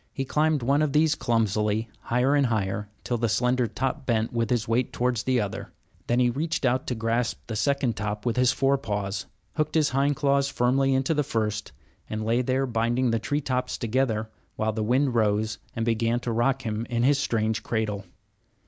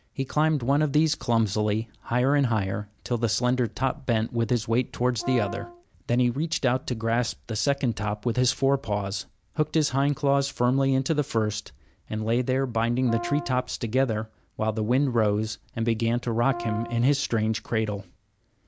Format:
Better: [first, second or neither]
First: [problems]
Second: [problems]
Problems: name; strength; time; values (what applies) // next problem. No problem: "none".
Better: first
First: none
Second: background sound (Brass instrument); 11 dB below the speech